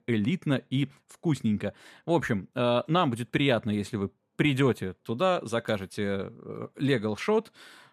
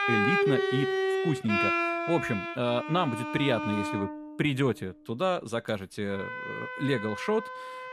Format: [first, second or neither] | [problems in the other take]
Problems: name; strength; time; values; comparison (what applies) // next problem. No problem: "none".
first | background music; very loud; throughout; as loud as the speech